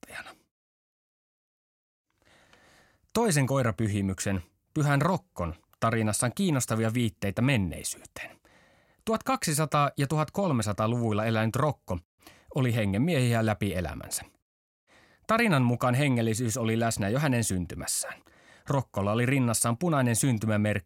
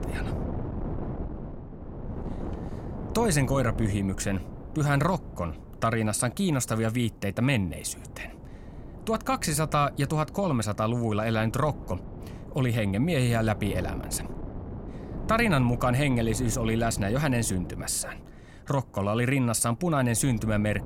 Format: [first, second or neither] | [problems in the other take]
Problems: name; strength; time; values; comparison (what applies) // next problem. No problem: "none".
first | wind noise on the microphone; occasional gusts; 15 dB below the speech